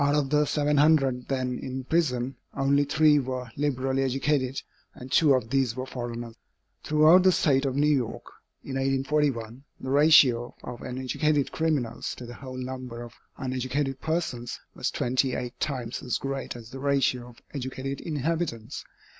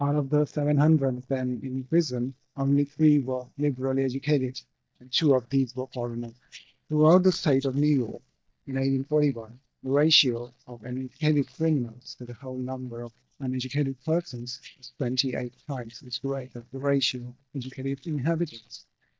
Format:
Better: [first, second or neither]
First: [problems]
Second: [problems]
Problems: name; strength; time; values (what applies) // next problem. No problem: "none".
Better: first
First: none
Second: noise reduction (neural mask model DeepFilterNet 3)